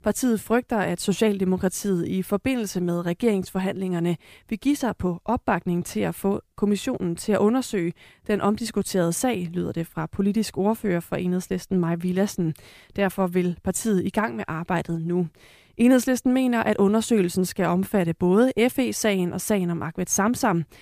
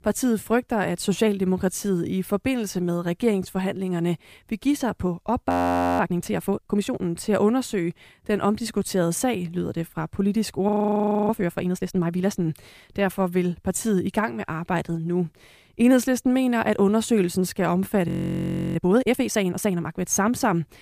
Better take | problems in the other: first | audio freezing; at 5.5 s, at 11 s for 0.5 s and at 18 s for 0.5 s

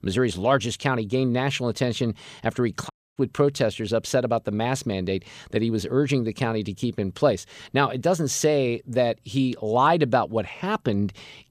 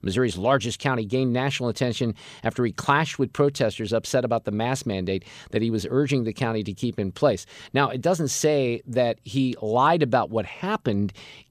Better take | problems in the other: second | audio cutting out; at 3 s

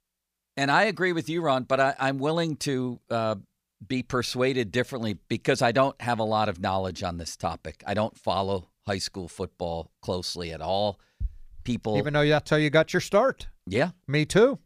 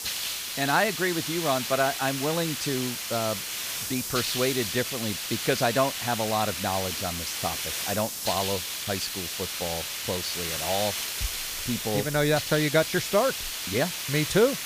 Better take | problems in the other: first | hiss; loud; throughout; 2 dB below the speech

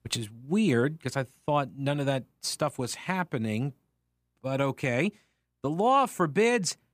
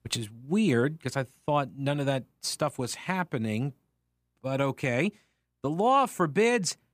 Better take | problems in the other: neither | none

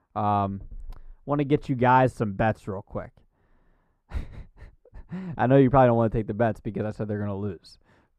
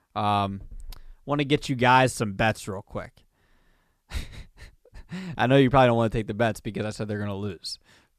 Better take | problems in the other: second | muffled; very; fading above 2 kHz

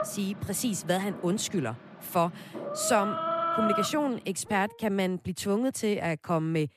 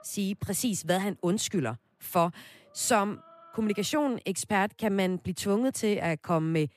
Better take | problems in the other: second | animal sounds; loud; until 4.5 s; 3 dB below the speech; faint in the second

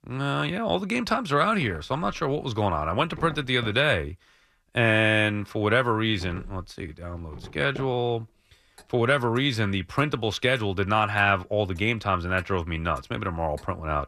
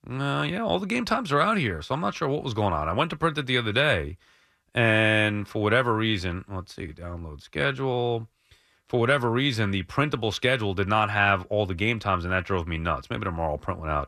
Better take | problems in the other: second | household noises; faint; throughout; 20 dB below the speech

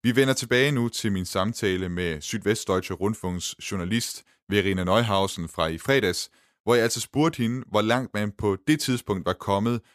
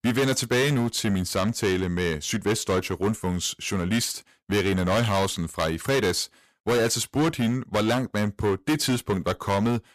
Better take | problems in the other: first | distortion; heavy; 13% of the sound clipped

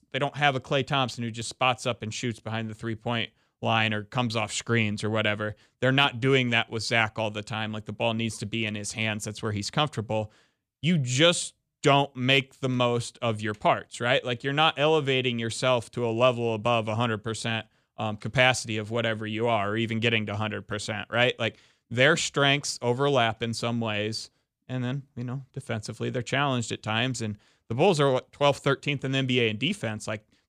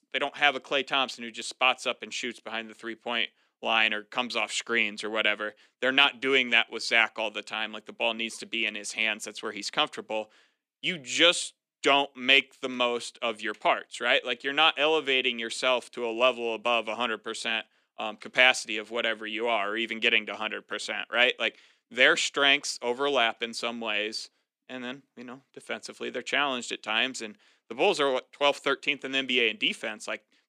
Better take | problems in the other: first | thin; somewhat; fading below 250 Hz

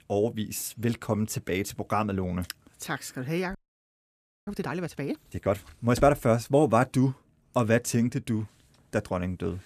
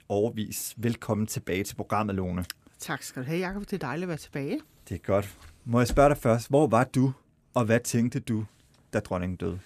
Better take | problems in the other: second | audio freezing; at 3.5 s for 1 s

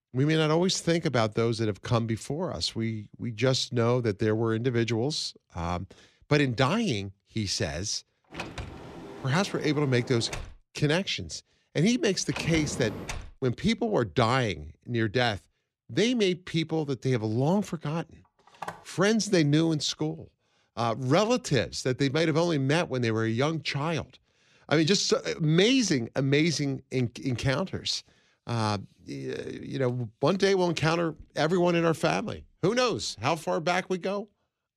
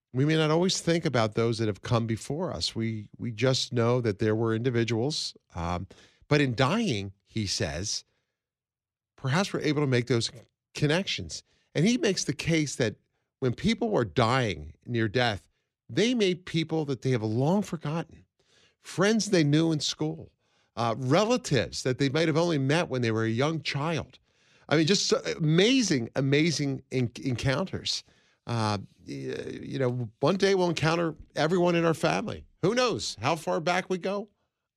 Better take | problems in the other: second | door banging; noticeable; from 8.5 to 13 s; peak 8 dB below the speech // phone ringing; faint; at 19 s; peak 15 dB below the speech

